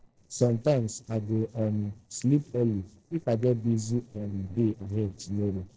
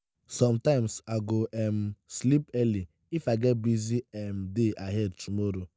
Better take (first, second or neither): second